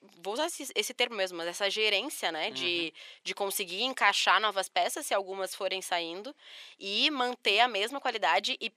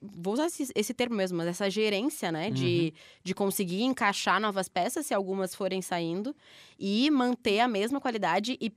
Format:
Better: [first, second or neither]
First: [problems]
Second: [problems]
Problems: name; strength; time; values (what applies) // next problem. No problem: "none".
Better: second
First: thin; very; fading below 600 Hz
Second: none